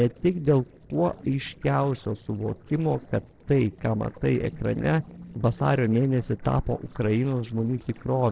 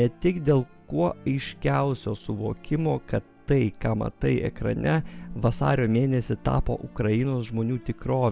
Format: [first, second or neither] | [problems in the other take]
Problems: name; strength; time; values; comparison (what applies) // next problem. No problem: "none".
second | noise reduction (neural separator model SepFormer DNS4)